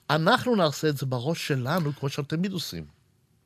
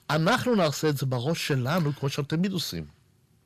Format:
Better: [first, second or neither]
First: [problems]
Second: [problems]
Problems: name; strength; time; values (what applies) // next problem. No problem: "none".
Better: first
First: none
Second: distortion; slight; 10 dB below the speech